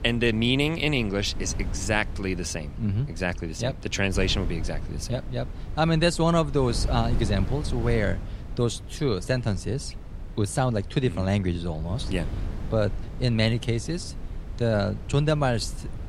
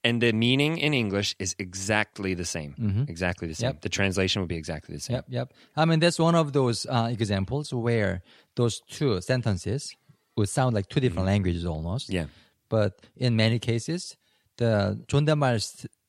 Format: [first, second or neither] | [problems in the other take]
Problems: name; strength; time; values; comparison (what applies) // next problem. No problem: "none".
second | wind noise on the microphone; occasional gusts; 15 dB below the speech